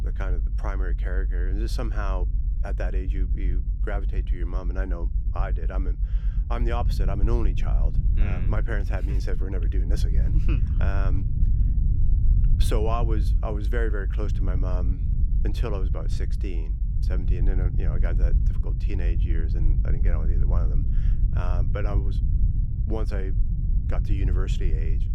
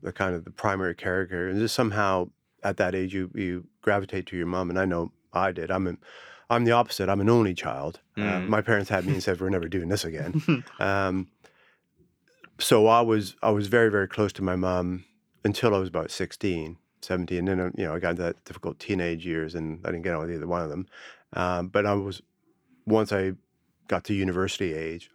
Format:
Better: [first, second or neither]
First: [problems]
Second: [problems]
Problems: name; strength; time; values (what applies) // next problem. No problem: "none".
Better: second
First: low rumble; loud; throughout; 7 dB below the speech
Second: none